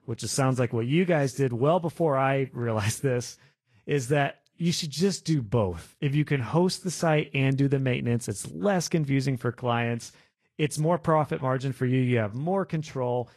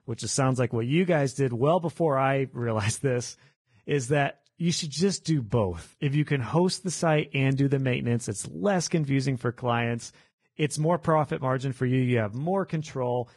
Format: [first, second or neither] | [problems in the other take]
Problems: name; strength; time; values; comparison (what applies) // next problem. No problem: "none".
first | garbled, watery; badly; nothing above 10.5 kHz; slightly in the first